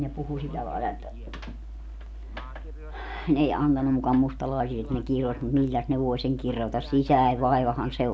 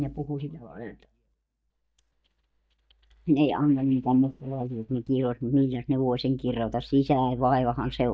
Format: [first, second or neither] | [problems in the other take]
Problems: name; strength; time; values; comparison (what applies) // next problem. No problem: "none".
first | noise reduction (neural mask model DeepFilterNet 3)